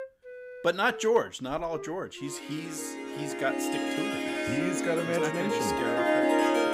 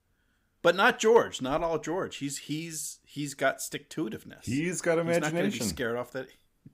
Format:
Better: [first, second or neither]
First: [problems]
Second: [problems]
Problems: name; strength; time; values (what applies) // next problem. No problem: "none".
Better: second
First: background music; very loud; throughout; 2 dB above the speech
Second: none